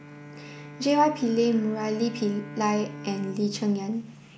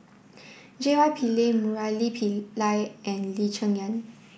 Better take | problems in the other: second | background sound (Bowed string instrument); 15 dB below the speech

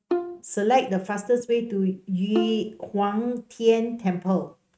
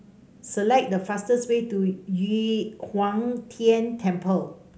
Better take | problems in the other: second | noise reduction (neural mask model RNNoise)

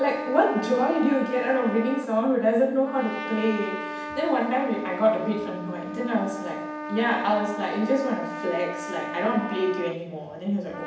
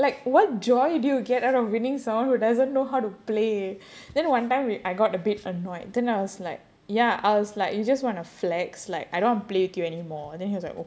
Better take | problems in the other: second | background sound (Trumpet); 10 dB below the speech // room echo; dies away in 0.9 s

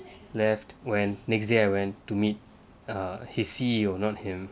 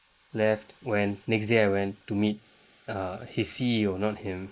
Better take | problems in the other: first | noise reduction (neural mask model Resemble Enhance denoiser)

